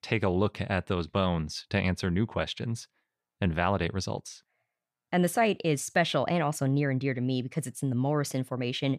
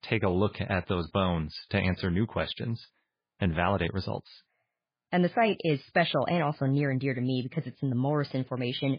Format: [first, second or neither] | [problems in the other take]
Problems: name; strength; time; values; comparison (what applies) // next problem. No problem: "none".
first | garbled, watery; badly